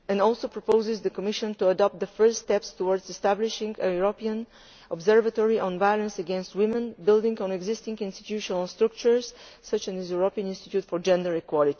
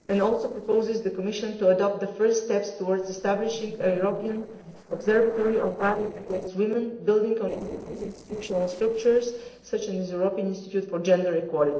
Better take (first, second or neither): first